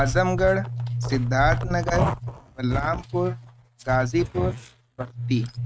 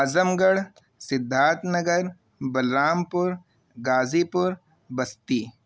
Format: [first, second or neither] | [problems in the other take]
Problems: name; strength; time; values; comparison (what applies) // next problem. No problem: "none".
second | noise reduction (neural mask model RNNoise)